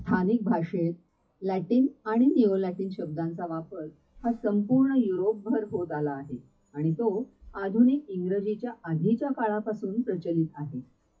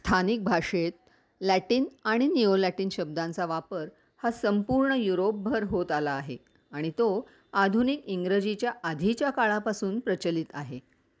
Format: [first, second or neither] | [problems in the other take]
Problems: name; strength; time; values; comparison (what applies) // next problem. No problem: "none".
second | noise reduction (classical method WPE with log-MMSE)